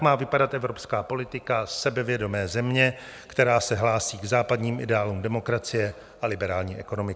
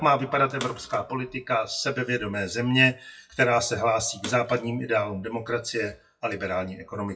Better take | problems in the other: first | noise reduction (classical method WPE with log-MMSE)

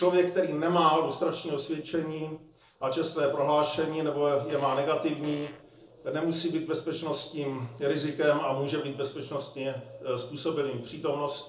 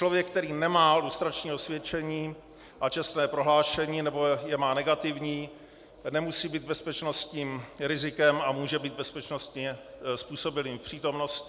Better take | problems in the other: second | noise reduction (neural separator model SepFormer DNS4)

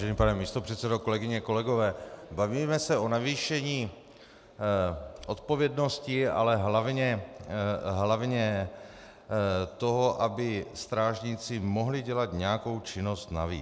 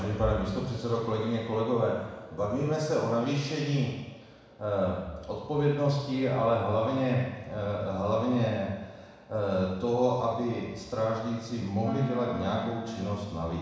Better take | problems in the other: first | background sound (Wind instrument, woodwind instrument); 10 dB below the speech // room echo; dies away in 1.1 s

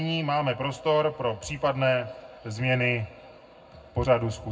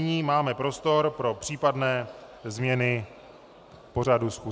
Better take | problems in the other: second | room echo; dies away in 0.3 s

